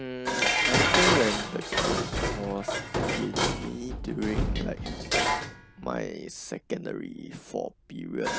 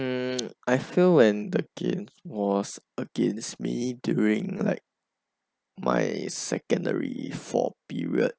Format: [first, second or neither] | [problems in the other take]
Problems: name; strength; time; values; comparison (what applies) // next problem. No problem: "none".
second | background sound (Dishes, pots, and pans); 4 dB above the speech